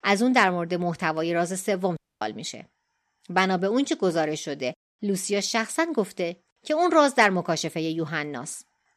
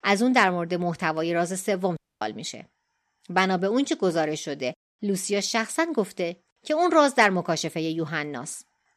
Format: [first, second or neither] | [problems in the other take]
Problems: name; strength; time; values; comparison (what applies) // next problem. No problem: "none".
neither | audio cutting out; at 2 s; the same in both